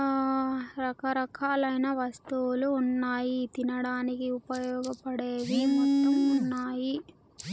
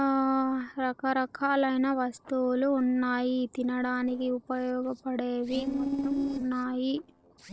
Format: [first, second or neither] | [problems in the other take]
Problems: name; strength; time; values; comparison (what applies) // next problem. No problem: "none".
first | noise reduction (neural separator model SepFormer DNS4)